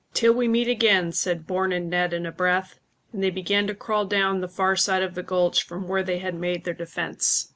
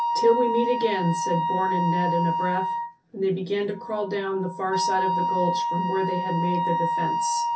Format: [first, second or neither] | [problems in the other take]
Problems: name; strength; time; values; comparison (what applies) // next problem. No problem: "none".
first | background sound (Wind instrument, woodwind instrument); as loud as the speech // room echo; dies away in 0.3 s